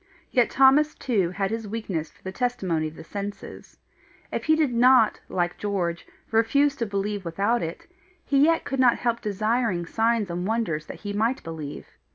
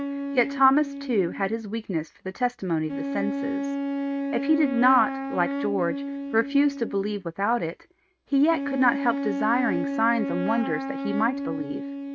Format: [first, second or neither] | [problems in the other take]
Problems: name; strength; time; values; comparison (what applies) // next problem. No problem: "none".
first | noise reduction (neural mask model RNNoise)